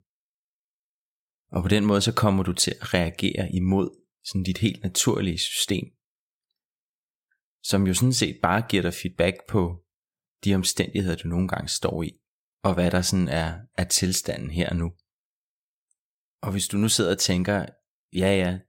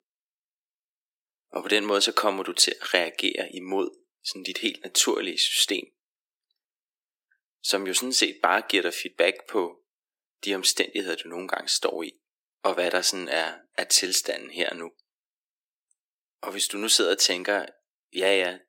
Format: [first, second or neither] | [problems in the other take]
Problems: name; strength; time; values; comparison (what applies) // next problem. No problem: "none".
first | thin; very; fading below 300 Hz